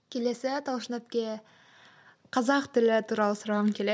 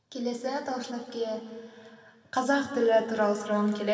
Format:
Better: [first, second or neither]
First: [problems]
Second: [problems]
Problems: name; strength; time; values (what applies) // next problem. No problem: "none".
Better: first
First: none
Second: room echo; dies away in 2.4 s